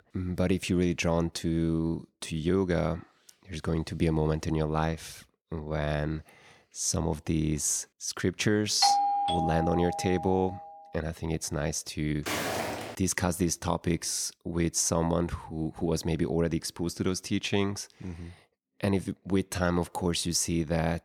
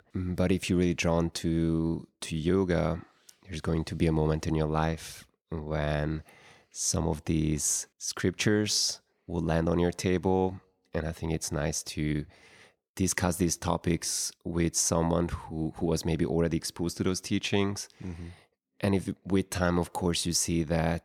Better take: second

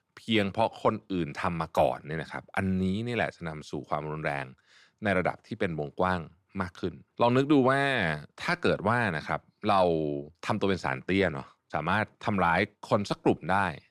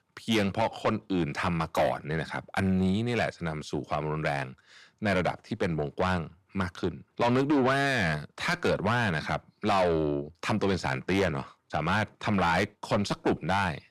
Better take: first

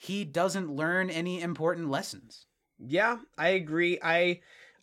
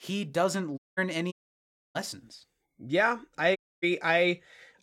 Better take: first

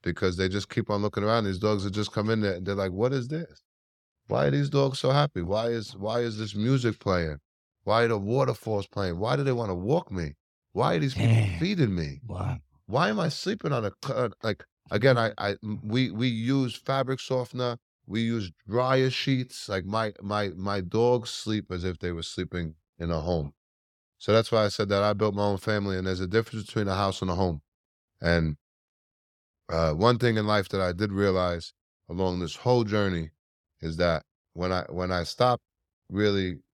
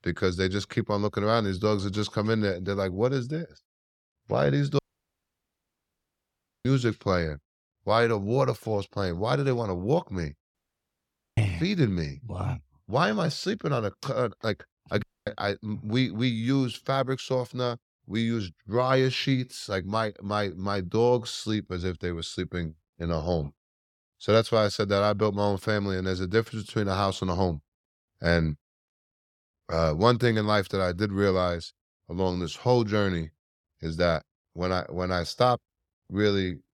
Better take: first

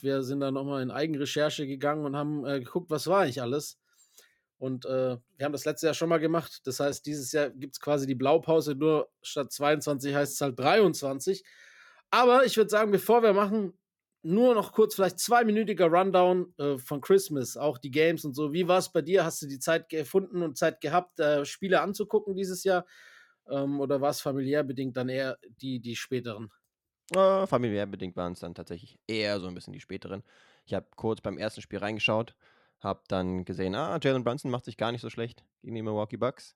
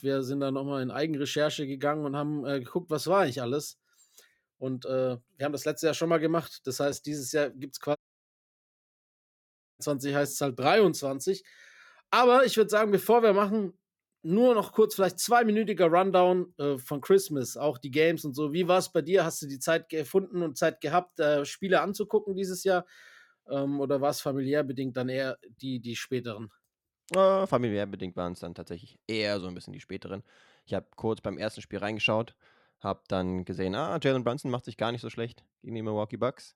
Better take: first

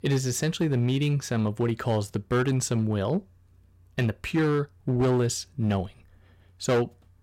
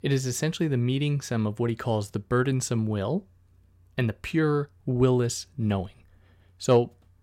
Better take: second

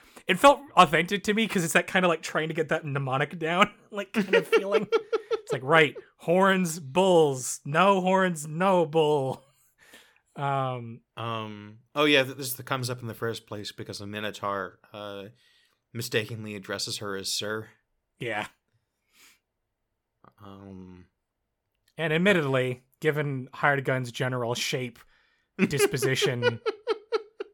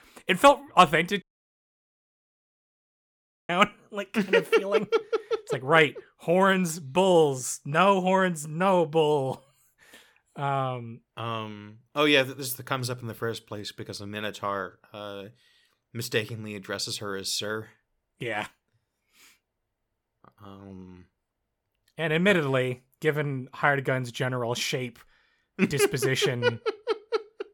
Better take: first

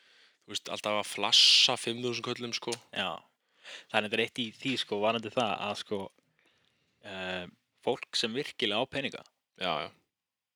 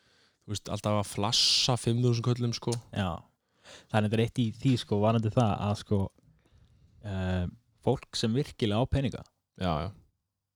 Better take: second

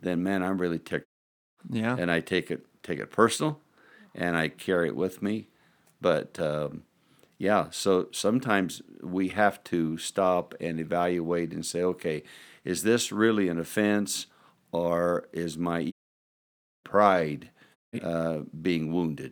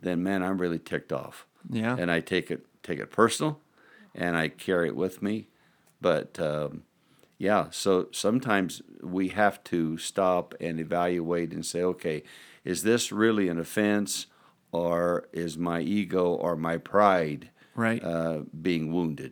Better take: second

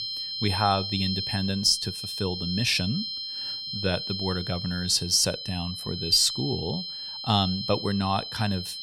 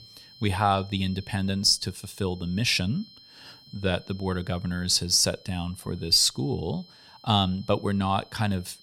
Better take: second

